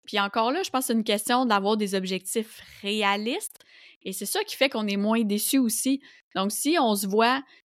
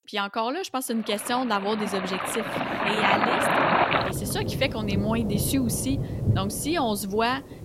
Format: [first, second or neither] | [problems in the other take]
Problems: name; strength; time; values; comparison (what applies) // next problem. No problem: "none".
first | rain or running water; very loud; throughout; 1 dB above the speech